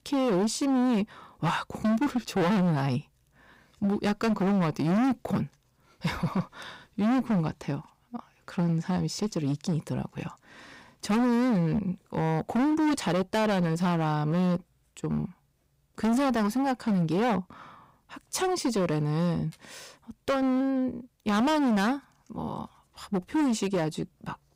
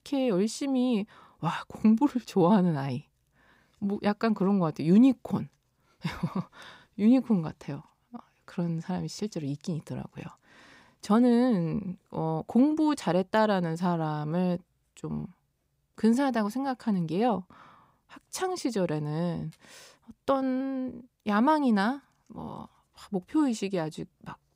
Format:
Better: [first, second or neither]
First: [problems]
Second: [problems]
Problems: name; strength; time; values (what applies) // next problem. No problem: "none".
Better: second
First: distortion; heavy; 17% of the sound clipped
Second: none